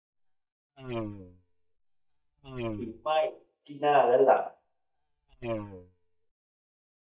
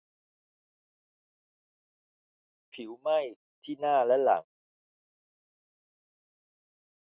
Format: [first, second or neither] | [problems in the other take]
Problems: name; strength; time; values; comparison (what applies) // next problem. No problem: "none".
second | noise reduction (neural mask model DeepFilterNet 3)